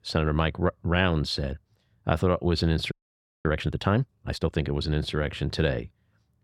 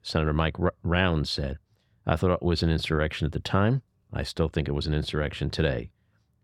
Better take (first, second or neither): second